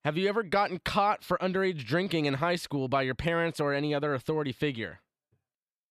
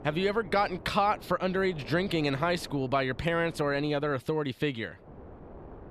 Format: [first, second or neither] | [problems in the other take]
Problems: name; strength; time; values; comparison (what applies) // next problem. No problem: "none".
first | wind noise on the microphone; occasional gusts; 20 dB below the speech